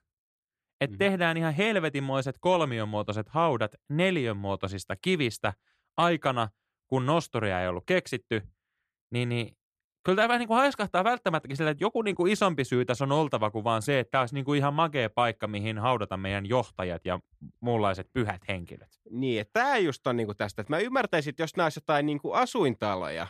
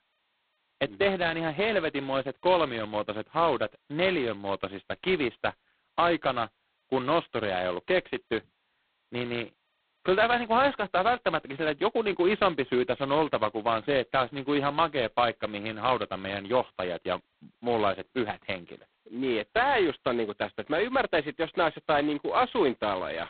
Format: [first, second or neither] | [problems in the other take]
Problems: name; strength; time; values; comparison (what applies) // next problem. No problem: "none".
first | phone-call audio; poor line; nothing above 4 kHz